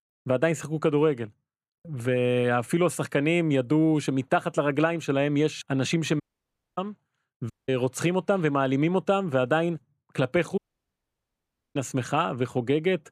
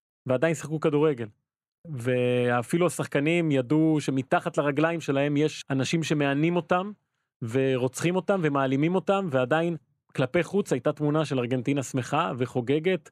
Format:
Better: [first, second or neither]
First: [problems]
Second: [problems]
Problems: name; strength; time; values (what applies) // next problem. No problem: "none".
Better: second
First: audio cutting out; at 6 s for 0.5 s, at 7.5 s and at 11 s for 1 s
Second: none